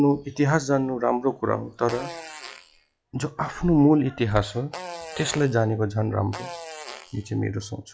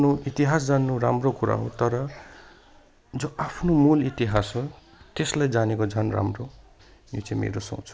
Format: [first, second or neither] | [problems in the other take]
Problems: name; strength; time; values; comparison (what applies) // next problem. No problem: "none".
second | noise reduction (classical method log-MMSE)